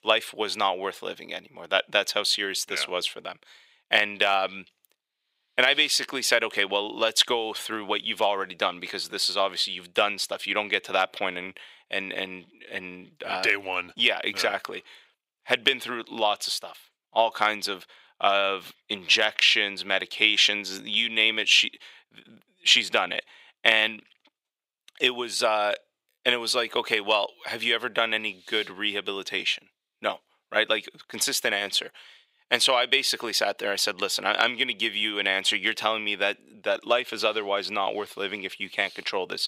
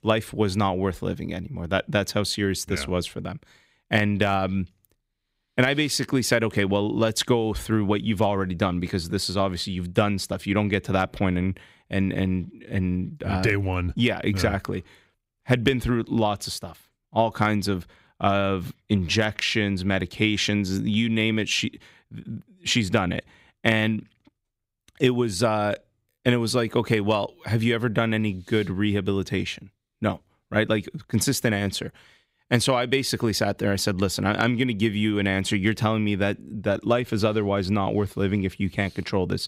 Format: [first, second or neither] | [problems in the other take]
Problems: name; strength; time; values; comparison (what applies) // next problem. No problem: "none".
second | thin; very; fading below 650 Hz